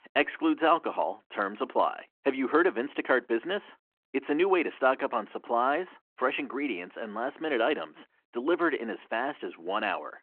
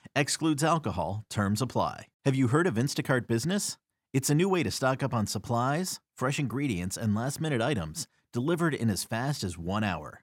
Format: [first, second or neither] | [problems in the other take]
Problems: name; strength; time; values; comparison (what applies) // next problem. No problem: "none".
second | phone-call audio